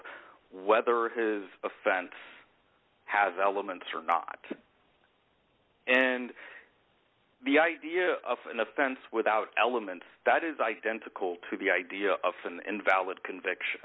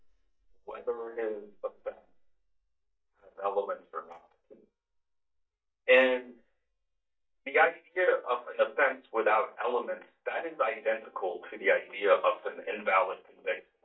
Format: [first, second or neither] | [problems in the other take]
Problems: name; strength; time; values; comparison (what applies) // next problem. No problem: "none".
first | noise reduction (neural mask model DeepFilterNet 3)